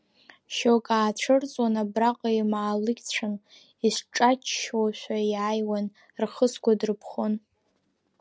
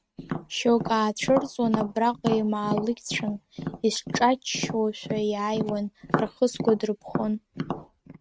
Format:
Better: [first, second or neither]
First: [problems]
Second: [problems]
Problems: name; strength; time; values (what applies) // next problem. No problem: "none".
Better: first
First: none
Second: noise reduction (neural mask model RNNoise)